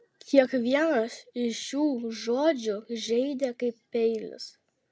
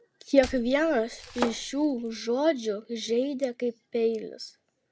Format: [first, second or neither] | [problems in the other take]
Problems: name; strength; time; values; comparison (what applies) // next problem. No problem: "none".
first | background sound (Domestic sounds, home sounds); 11 dB below the speech